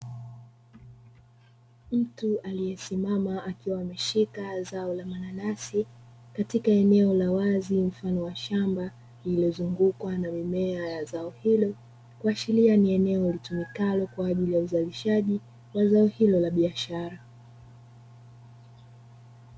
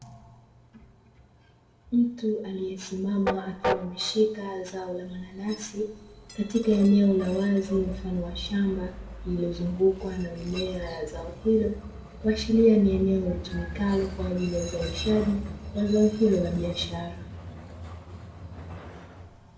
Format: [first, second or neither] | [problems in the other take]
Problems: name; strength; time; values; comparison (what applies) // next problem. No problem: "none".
first | background sound (Train); 11 dB below the speech // room echo; dies away in 0.5 s